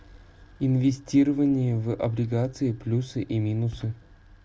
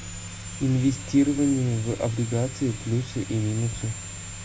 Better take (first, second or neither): first